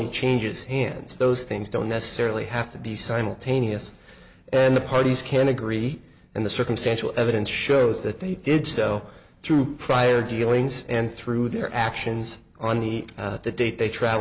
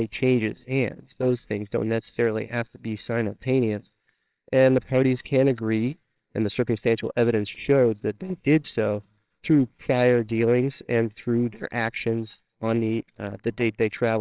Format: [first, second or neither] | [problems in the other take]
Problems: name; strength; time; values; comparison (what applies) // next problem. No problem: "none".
first | noise reduction (neural separator model SepFormer WHAMR!)